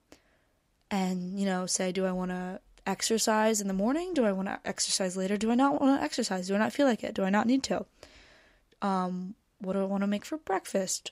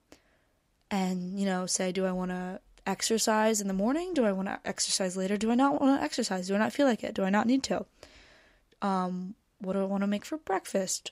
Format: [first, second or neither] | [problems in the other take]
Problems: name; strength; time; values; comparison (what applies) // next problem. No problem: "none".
neither | none